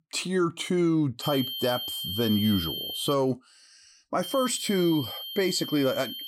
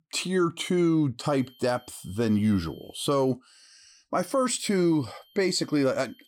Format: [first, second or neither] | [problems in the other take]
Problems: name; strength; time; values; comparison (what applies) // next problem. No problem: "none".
second | high-pitched whine; loud; from 1 to 3 s and from 4 s on; 3 kHz, 6 dB below the speech; faint in the second